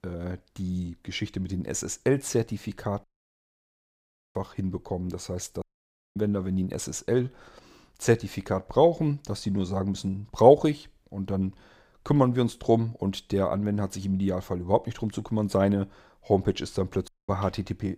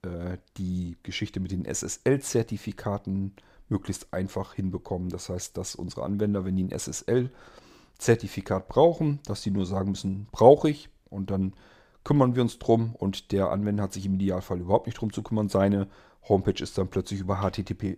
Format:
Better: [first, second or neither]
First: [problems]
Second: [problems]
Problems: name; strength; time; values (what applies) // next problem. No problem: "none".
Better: second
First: audio cutting out; at 3 s for 1.5 s, at 5.5 s for 0.5 s and at 17 s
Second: none